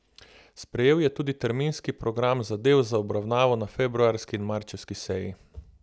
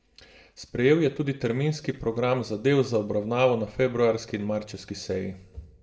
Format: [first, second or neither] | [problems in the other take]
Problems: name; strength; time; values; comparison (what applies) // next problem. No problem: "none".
first | room echo; dies away in 0.6 s